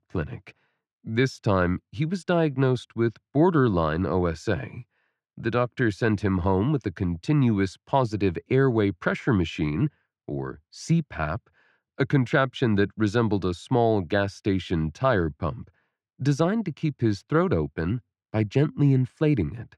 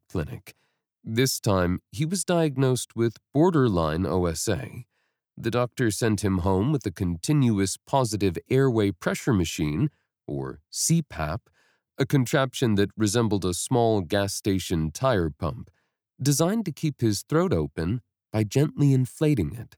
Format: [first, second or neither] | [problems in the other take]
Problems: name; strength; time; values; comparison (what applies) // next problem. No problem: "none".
second | muffled; slightly; fading above 2.5 kHz